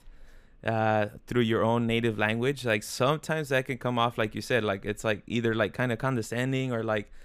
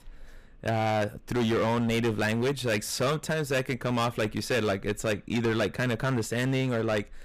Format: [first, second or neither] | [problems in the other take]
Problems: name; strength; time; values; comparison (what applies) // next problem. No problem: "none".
first | distortion; heavy; 16% of the sound clipped